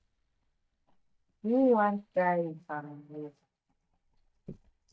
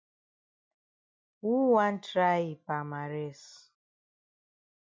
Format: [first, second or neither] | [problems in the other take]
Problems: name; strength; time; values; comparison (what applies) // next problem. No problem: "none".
second | noise reduction (neural mask model DeepFilterNet 3)